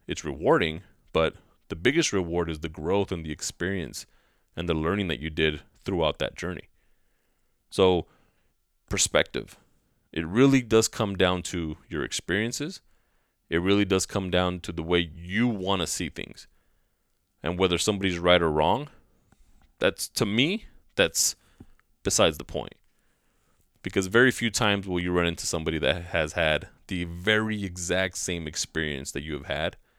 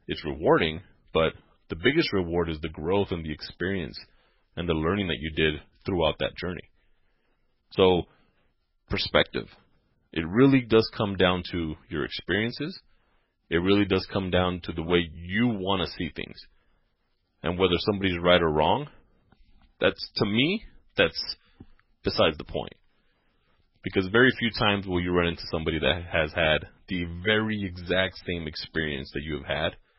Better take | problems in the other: first | garbled, watery; badly; nothing above 5.5 kHz

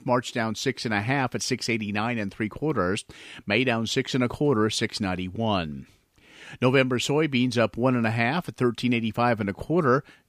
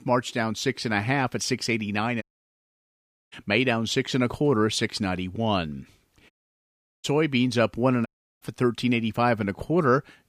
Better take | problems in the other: first | audio cutting out; at 2 s for 1 s, at 6.5 s for 0.5 s and at 8 s

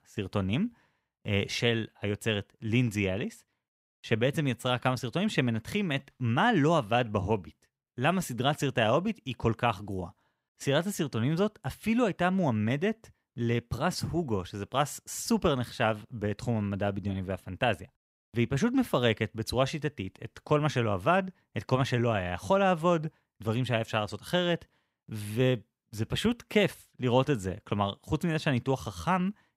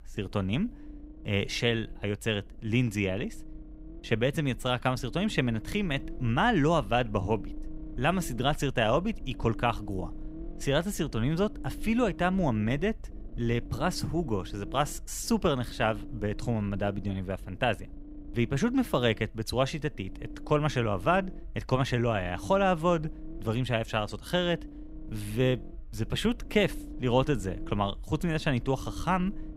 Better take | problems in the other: first | low rumble; faint; throughout; 20 dB below the speech

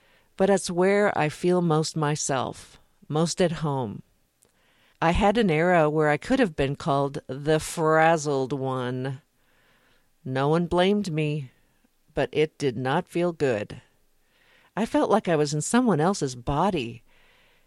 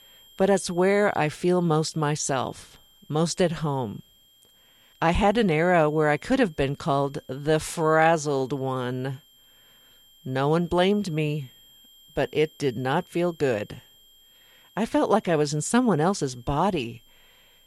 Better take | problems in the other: first | high-pitched whine; faint; throughout; 3 kHz, 30 dB below the speech

